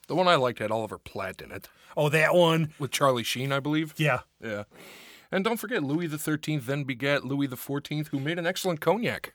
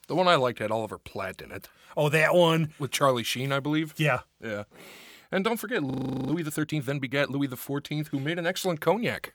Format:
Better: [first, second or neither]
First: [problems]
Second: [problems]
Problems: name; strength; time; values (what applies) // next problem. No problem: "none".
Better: first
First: none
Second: audio freezing; at 6 s